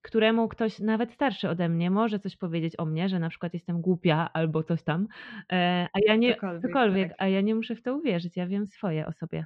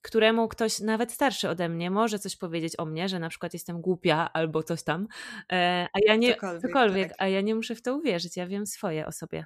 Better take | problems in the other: second | muffled; slightly; fading above 3 kHz

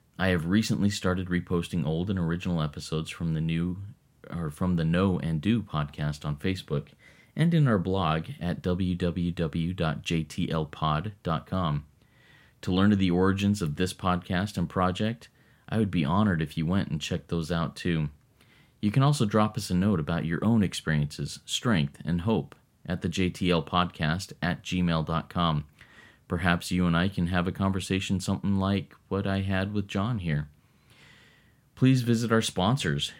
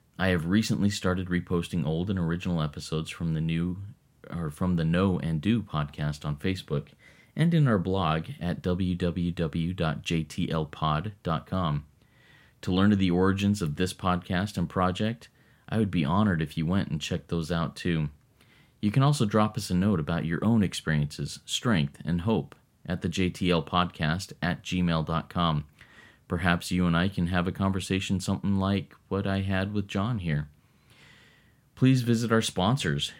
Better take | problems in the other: neither | none

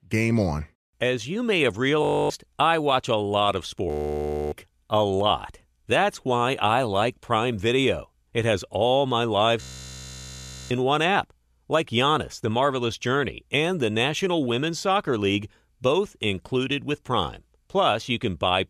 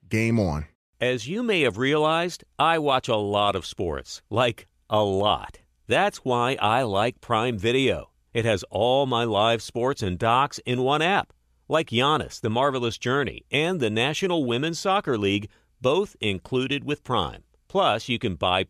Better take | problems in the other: second | audio freezing; at 2 s, at 4 s for 0.5 s and at 9.5 s for 1 s

